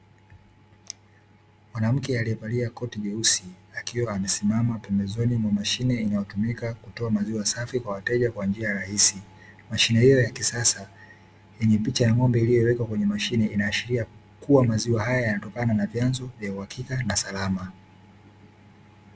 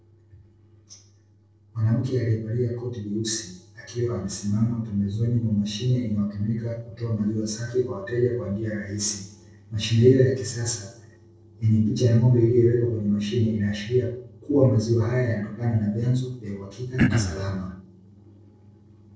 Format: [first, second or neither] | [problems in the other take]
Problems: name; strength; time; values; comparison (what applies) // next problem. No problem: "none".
first | noise reduction (neural separator model SepFormer DNS4)